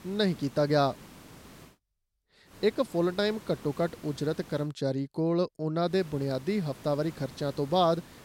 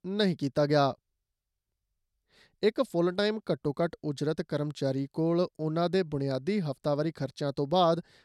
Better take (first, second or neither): second